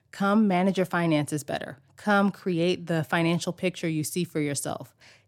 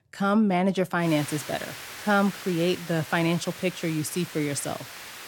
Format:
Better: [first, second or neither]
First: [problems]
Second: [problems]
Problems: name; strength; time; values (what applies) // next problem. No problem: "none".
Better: first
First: none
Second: hiss; noticeable; from 1 s on; 15 dB below the speech